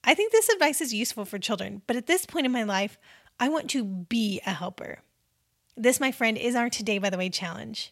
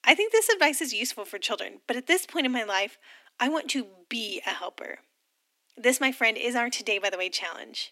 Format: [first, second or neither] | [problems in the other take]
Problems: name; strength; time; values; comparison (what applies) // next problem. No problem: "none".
first | thin; very slightly; fading below 250 Hz